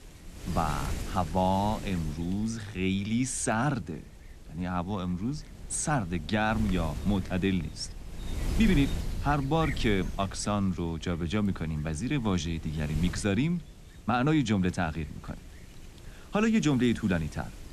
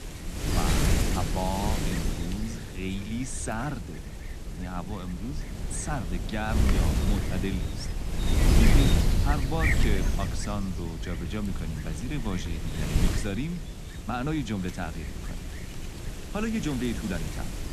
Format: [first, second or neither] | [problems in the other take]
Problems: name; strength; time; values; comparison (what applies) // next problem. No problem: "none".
first | wind noise on the microphone; heavy; as loud as the speech; occasional gusts in the first